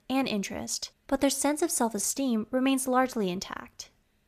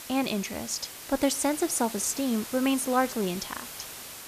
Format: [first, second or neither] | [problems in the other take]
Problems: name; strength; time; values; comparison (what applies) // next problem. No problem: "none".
first | hiss; noticeable; throughout; 10 dB below the speech